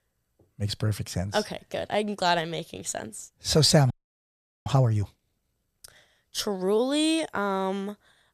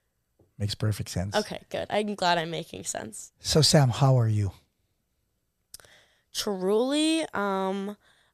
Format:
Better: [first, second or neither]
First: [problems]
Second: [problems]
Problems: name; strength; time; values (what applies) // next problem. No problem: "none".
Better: second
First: audio freezing; at 4 s for 1 s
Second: none